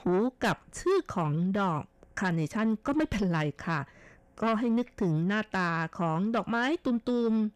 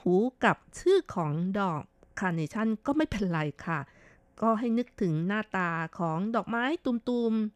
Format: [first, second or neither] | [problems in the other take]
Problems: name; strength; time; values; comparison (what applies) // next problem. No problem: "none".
second | distortion; slight; 10 dB below the speech